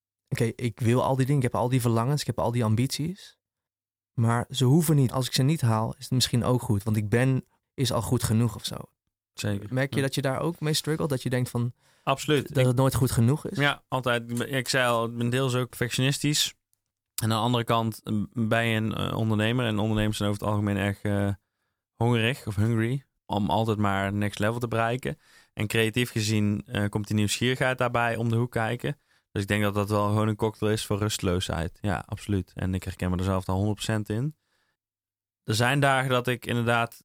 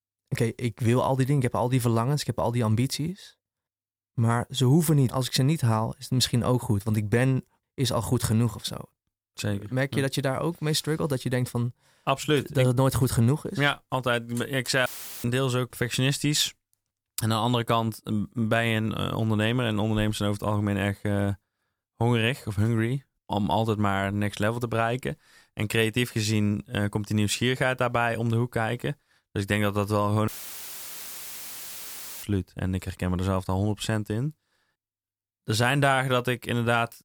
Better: first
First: none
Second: audio cutting out; filled with static; at 15 s and at 30 s for 2 s

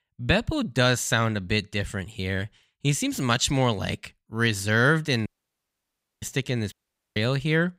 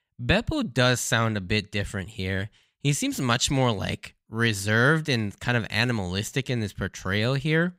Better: second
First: audio cutting out; at 5.5 s for 1 s and at 6.5 s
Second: none

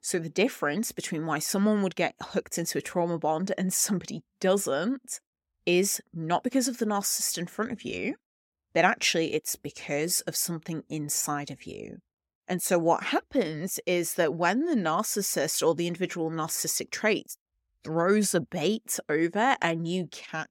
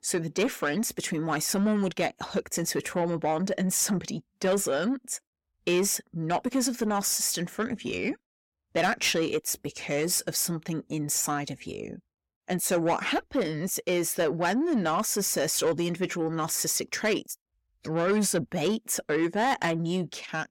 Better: first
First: none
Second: distortion; slight; 10 dB below the speech

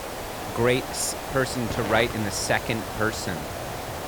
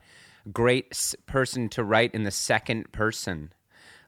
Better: second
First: hiss; loud; throughout; 6 dB below the speech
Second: none

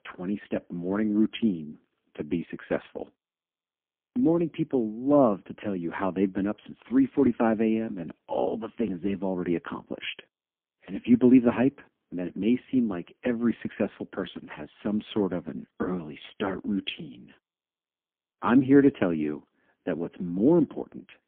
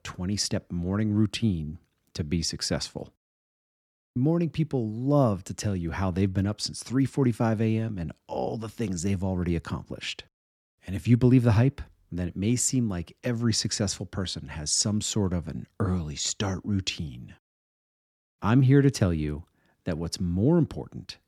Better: second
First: phone-call audio; poor line; nothing above 3.5 kHz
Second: none

